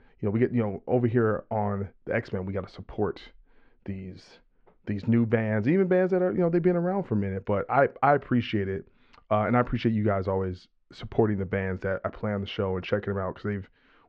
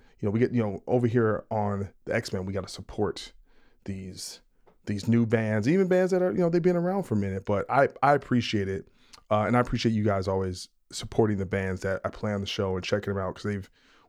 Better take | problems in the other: second | muffled; very; fading above 3 kHz

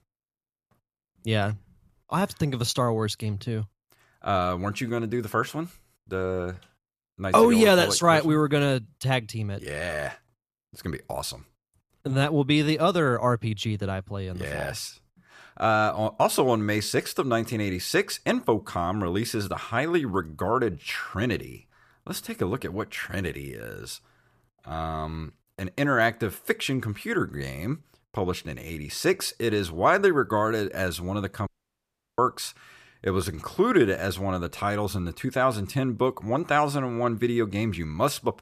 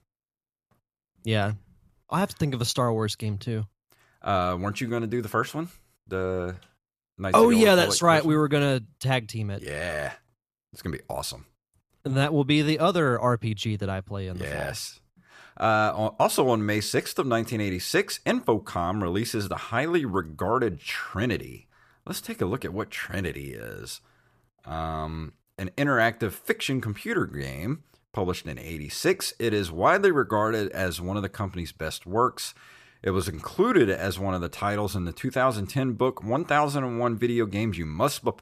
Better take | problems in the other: second | audio cutting out; at 31 s for 0.5 s

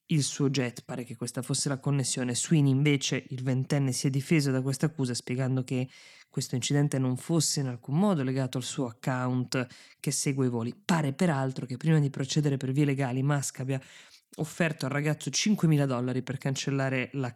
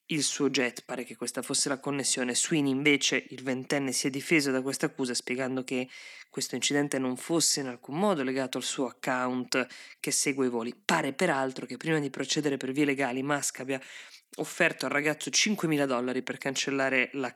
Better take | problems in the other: first | thin; somewhat; fading below 250 Hz

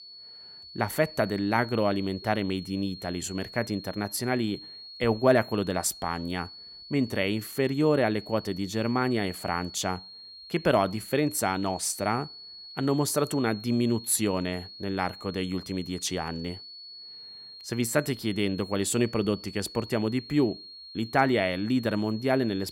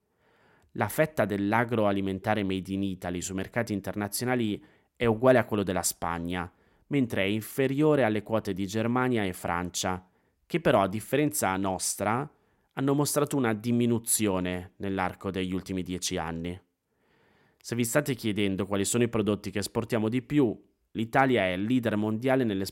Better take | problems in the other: second | high-pitched whine; noticeable; throughout; 4.5 kHz, 15 dB below the speech

